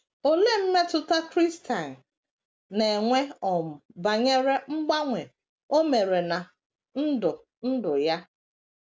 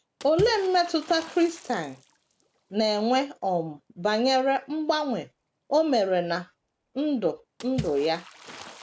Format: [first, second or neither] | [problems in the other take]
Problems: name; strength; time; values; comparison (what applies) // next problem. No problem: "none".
first | background sound (Water / Splash, splatter); 18 dB below the speech